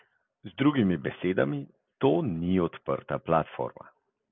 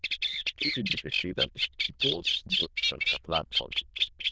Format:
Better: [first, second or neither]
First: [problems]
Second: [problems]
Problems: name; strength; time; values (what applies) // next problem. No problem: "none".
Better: first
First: none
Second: noise reduction (neural diffusion model UNIVERSE++)